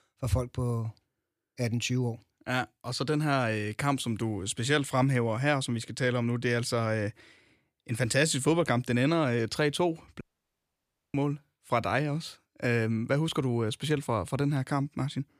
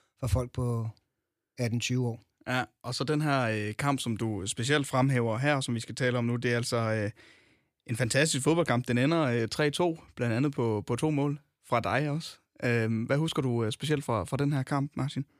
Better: second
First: audio cutting out; at 10 s for 1 s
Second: none

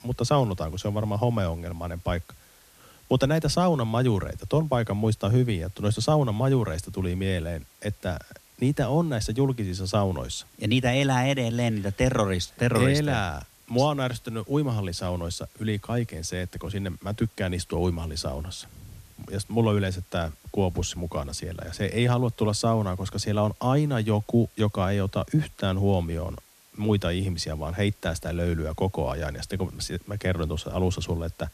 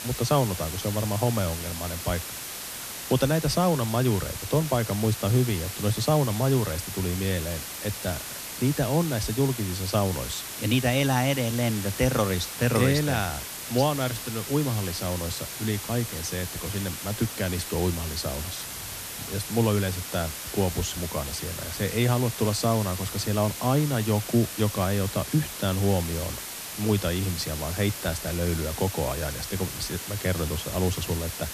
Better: first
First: hiss; faint; throughout; 25 dB below the speech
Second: hiss; loud; throughout; 7 dB below the speech

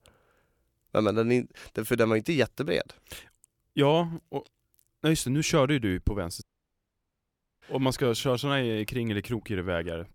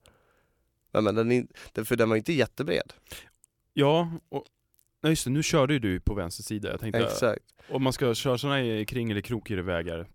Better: second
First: audio cutting out; at 6.5 s for 1 s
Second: none

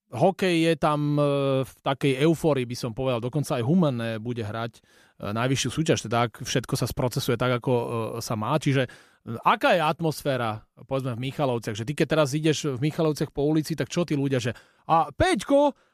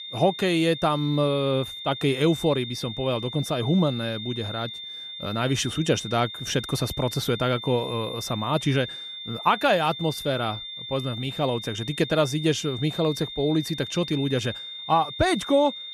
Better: first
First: none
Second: high-pitched whine; loud; throughout; 3.5 kHz, 9 dB below the speech

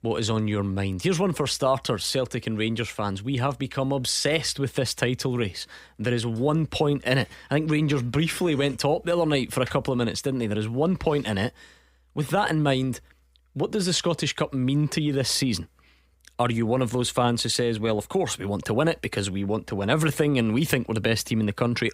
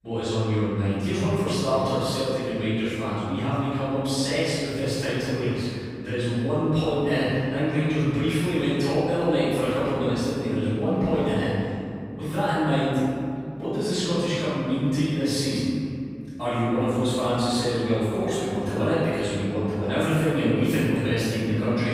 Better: first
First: none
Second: off-mic speech; far // room echo; strong; dies away in 2.5 s

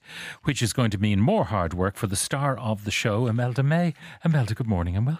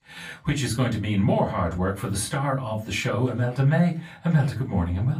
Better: first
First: none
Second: off-mic speech; far // room echo; very slight; dies away in 0.2 s

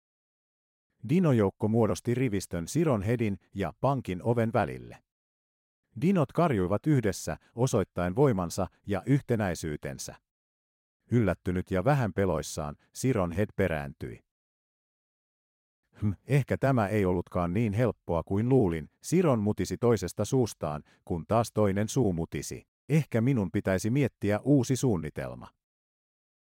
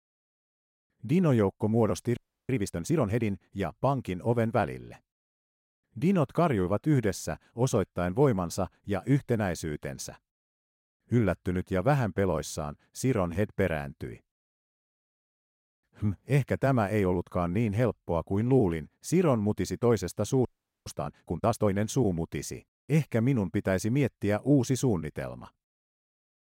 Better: first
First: none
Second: audio freezing; at 2 s and at 20 s

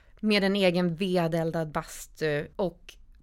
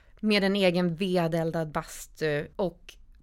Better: neither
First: none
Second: none

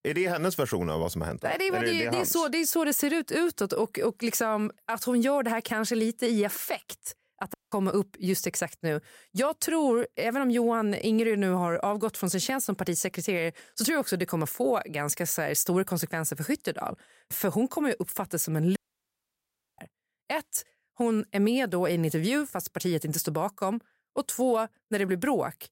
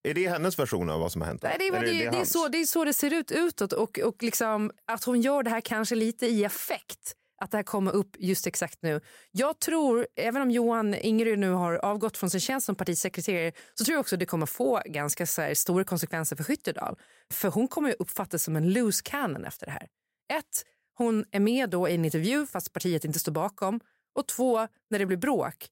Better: second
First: audio cutting out; at 7.5 s and at 19 s for 1 s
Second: none

